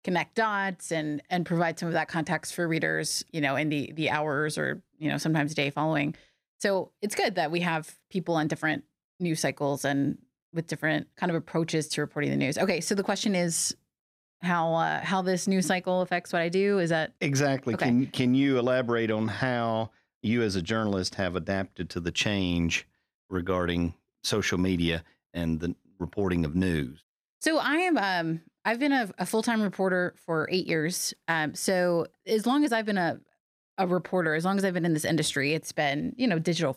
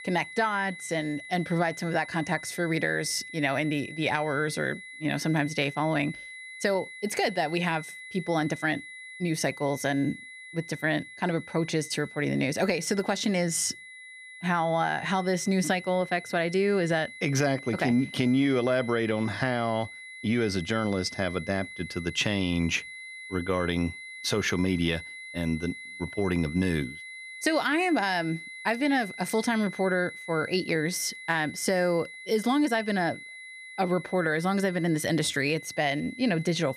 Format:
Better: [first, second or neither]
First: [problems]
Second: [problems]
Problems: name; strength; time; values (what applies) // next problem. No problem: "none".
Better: first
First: none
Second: high-pitched whine; noticeable; throughout; 2 kHz, 15 dB below the speech